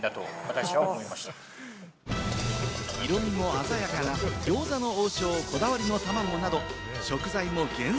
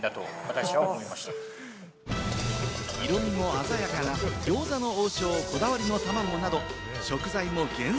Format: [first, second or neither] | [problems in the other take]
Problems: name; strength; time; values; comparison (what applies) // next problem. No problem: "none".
first | background sound (Doorbell); 13 dB below the speech